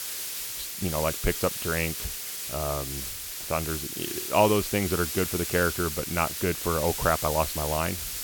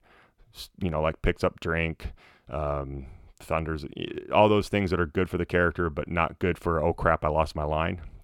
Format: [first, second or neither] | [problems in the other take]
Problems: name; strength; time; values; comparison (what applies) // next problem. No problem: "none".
second | hiss; loud; throughout; 3 dB below the speech